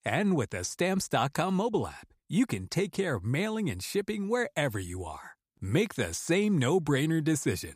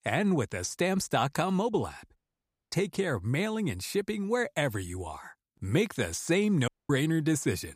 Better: first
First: none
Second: audio cutting out; at 2 s for 0.5 s and at 6.5 s

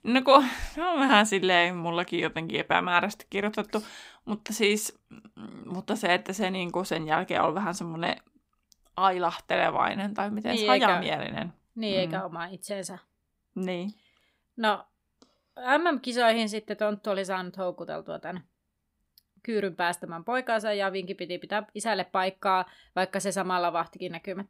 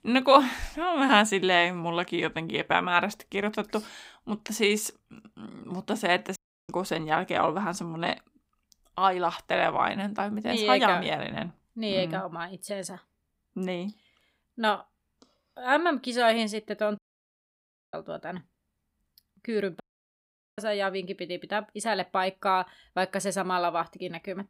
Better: first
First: none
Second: audio cutting out; at 6.5 s, at 17 s for 1 s and at 20 s for 1 s

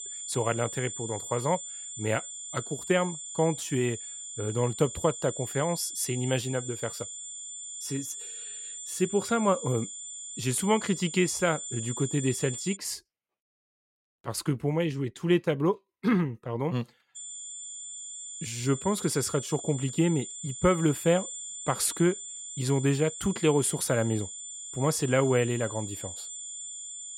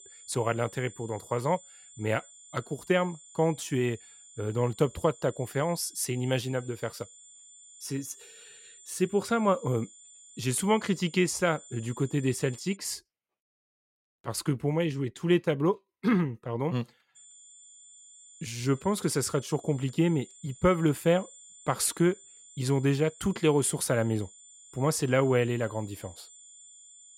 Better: second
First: high-pitched whine; loud; until 13 s and from 17 s on; 7 kHz, 8 dB below the speech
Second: high-pitched whine; faint; until 13 s and from 17 s on; 7 kHz, 20 dB below the speech

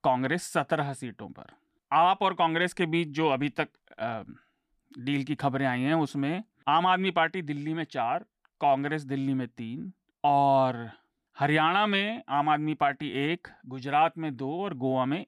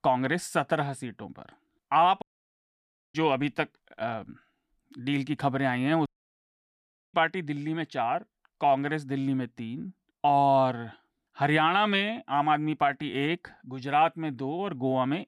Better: first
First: none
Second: audio cutting out; at 2 s for 1 s and at 6 s for 1 s

